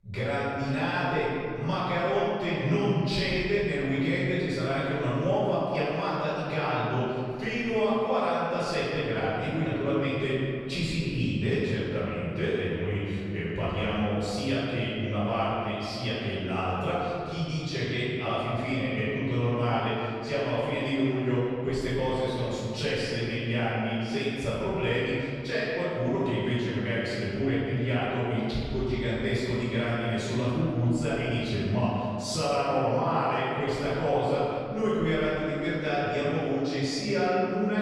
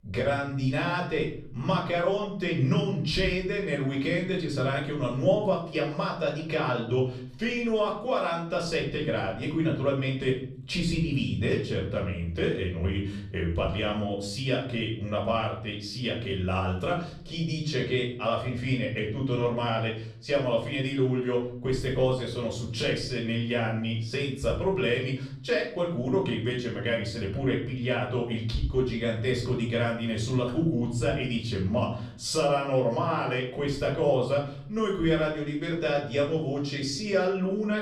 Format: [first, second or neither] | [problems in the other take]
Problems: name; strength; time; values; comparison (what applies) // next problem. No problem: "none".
second | room echo; strong; dies away in 2.4 s; slight in the second // off-mic speech; far; far in the second